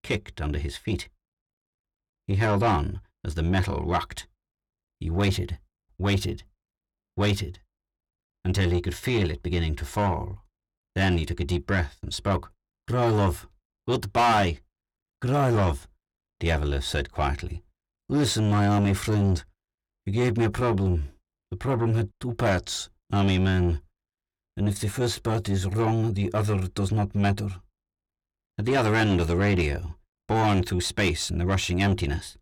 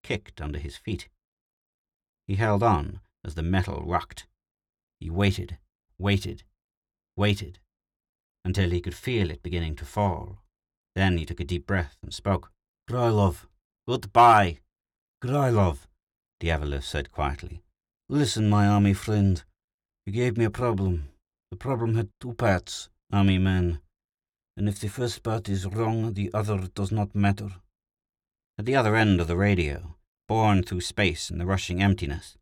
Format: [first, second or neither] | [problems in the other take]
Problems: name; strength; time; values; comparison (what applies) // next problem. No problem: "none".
second | distortion; heavy; 7 dB below the speech